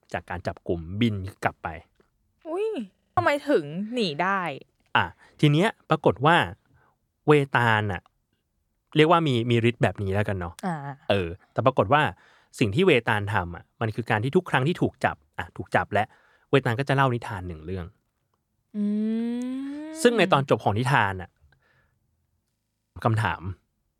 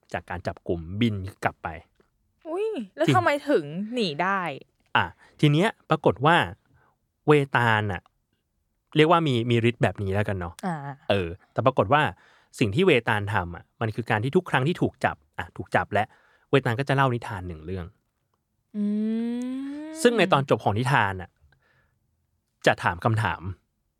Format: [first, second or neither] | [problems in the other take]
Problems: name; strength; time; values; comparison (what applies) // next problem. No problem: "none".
second | audio freezing; at 3 s and at 23 s